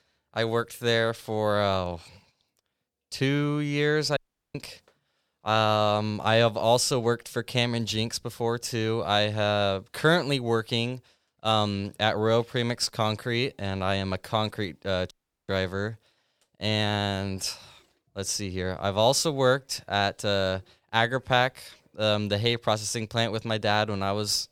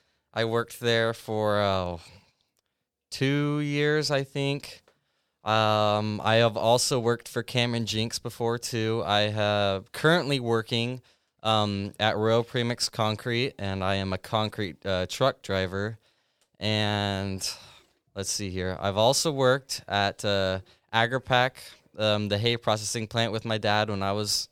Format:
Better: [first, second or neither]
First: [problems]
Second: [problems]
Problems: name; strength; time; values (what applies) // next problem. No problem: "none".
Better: second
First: audio cutting out; at 4 s and at 15 s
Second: none